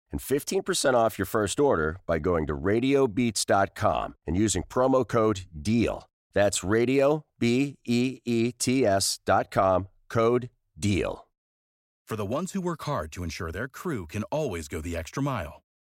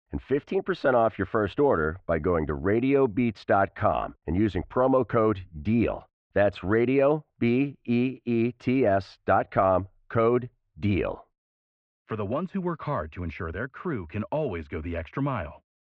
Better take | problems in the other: first | muffled; very; fading above 2.5 kHz

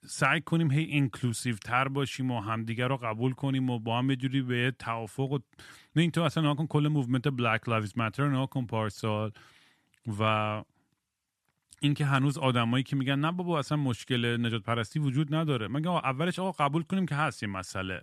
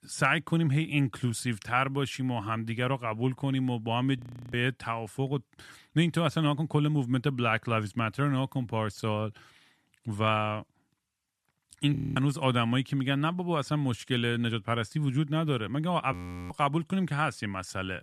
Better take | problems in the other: first | audio freezing; at 4 s, at 12 s and at 16 s

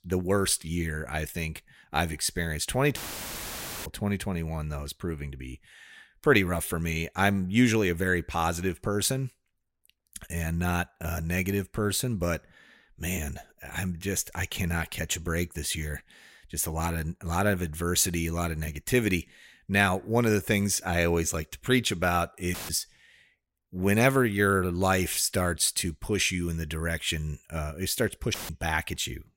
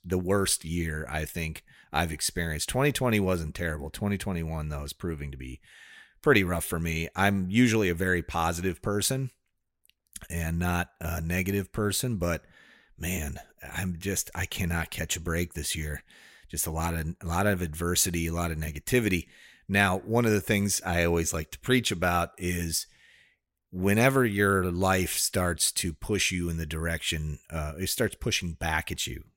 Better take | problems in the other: second | audio cutting out; filled with static; at 3 s for 1 s, at 23 s and at 28 s

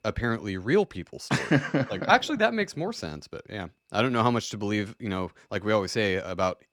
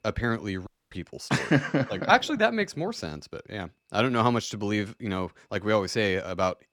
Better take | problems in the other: first | audio cutting out; at 0.5 s

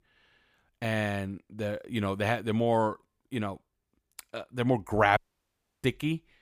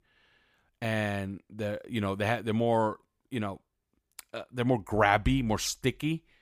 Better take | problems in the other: second | audio cutting out; at 5 s for 0.5 s

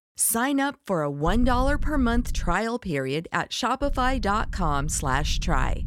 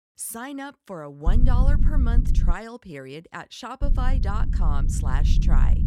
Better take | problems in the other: first | low rumble; loud; from 1.5 to 2.5 s and from 4 s on; 6 dB below the speech; faint in the first

